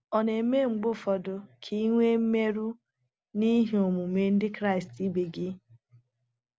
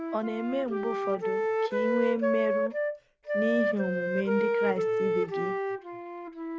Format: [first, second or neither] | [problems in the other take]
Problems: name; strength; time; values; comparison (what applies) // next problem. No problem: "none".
first | background sound (Wind instrument, woodwind instrument); 3 dB above the speech